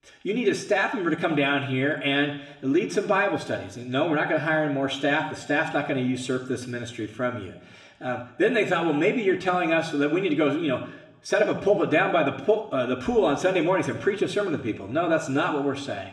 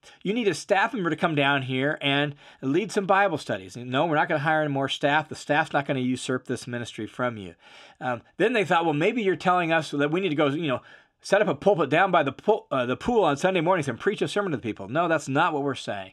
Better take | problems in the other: second | room echo; slight; dies away in 0.7 s // off-mic speech; somewhat distant

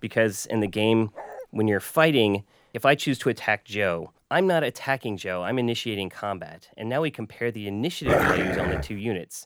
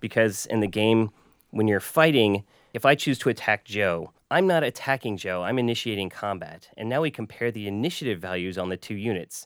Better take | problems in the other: second | dog barking; faint; at 1 s; peak 15 dB below the speech // dog barking; loud; at 8 s; peak 5 dB above the speech

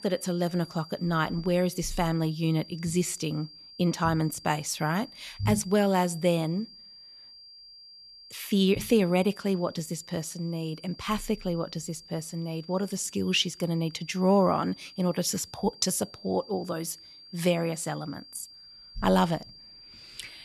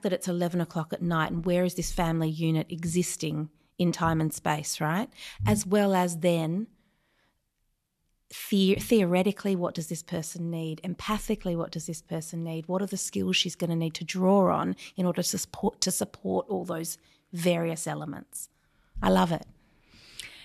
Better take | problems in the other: second | high-pitched whine; noticeable; throughout; 4.5 kHz, 20 dB below the speech

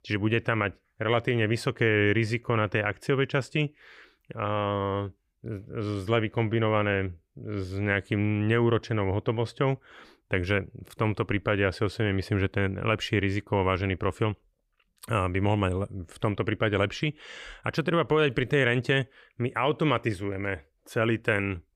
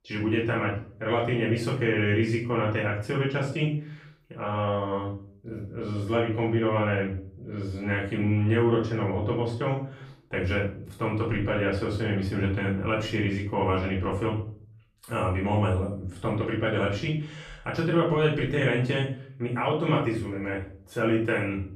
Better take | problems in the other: first | off-mic speech; far // room echo; noticeable; dies away in 0.4 s

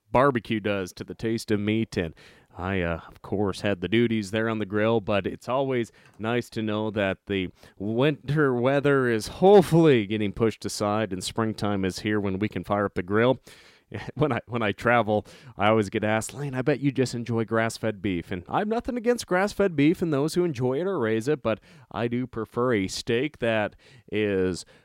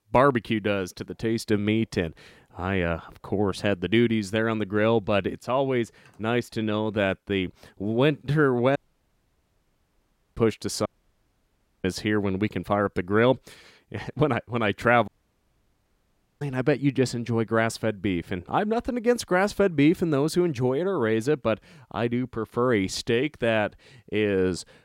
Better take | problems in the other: first | audio cutting out; at 9 s for 1.5 s, at 11 s for 1 s and at 15 s for 1.5 s

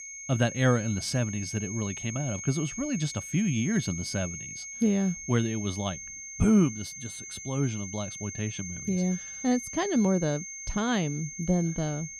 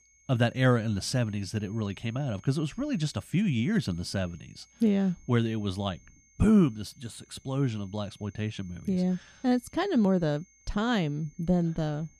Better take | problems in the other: second | high-pitched whine; loud; throughout; 6.5 kHz, 9 dB below the speech; faint in the second

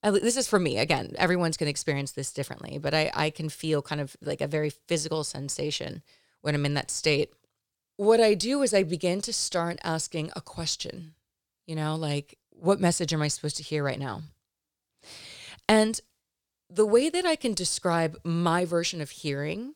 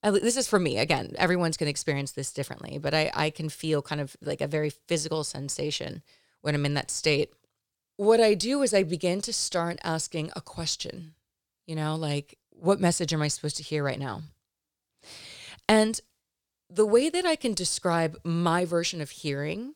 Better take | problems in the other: neither | none

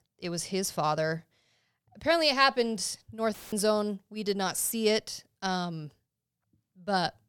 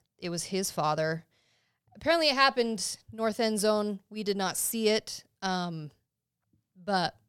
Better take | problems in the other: second | audio cutting out; filled with static; at 3.5 s

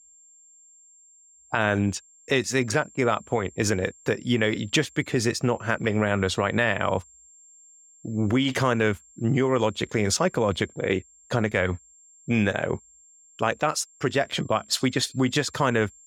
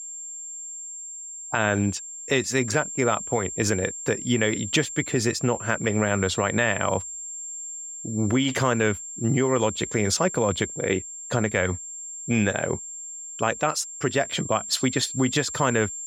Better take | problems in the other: first | high-pitched whine; loud; throughout; 7.5 kHz, 9 dB below the speech; faint in the first

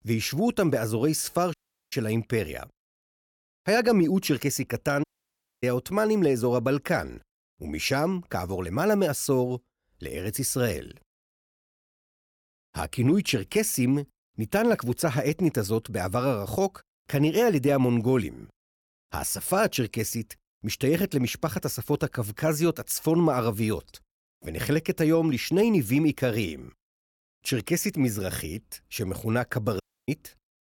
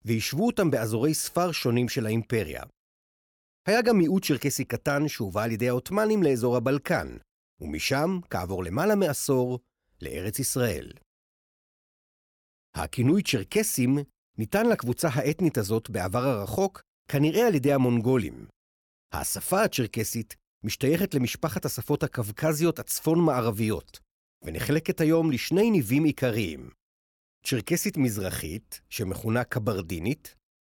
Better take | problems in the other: second | audio cutting out; at 1.5 s, at 5 s for 0.5 s and at 30 s

